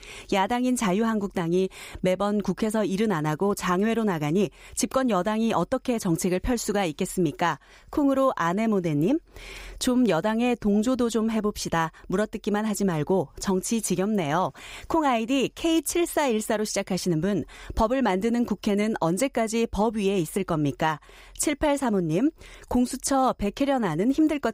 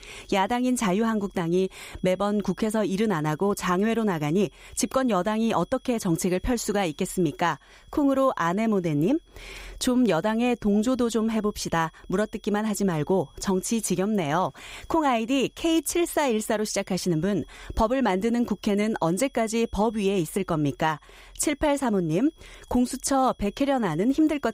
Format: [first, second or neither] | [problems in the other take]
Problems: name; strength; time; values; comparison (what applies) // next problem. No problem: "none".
first | high-pitched whine; faint; throughout; 3.5 kHz, 35 dB below the speech